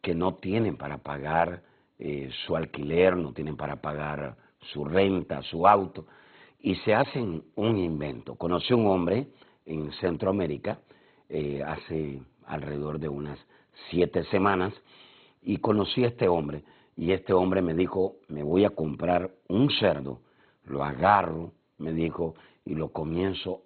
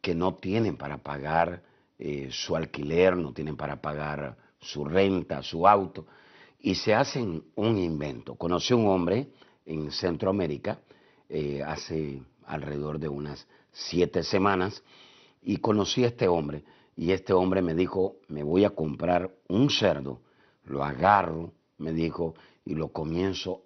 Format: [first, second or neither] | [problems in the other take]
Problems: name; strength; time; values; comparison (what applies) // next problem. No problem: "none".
second | garbled, watery; badly; nothing above 4 kHz; slightly in the second